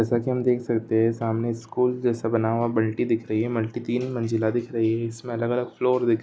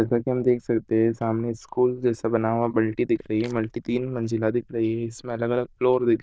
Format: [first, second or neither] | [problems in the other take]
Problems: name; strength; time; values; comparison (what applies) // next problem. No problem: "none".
first | noise reduction (neural diffusion model UNIVERSE++)